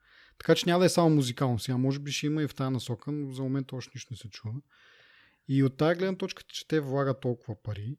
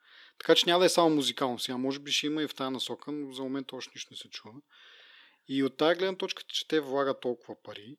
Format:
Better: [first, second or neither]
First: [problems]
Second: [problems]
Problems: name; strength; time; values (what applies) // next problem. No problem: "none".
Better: first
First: none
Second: thin; somewhat; fading below 300 Hz